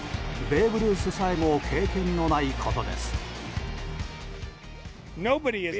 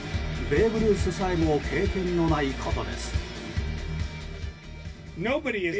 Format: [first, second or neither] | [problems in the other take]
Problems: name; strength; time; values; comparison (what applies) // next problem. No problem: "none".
first | room echo; dies away in 0.1 s